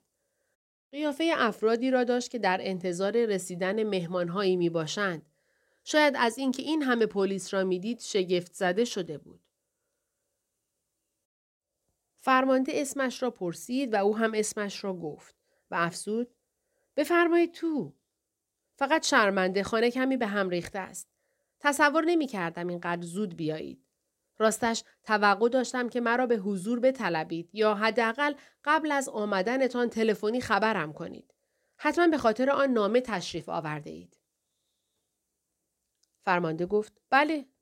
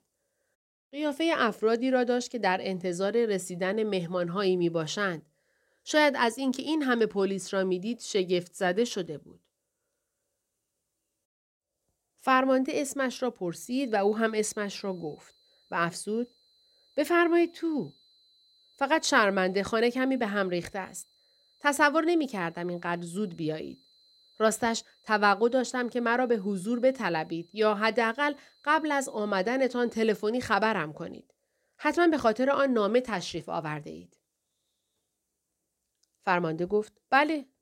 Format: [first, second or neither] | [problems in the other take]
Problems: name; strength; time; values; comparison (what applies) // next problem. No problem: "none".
first | high-pitched whine; faint; from 14 to 30 s; 4 kHz, 35 dB below the speech